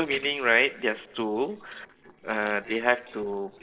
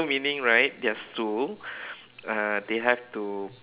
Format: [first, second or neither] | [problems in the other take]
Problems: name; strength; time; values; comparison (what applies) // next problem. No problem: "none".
second | noise reduction (neural separator model SepFormer DNS4)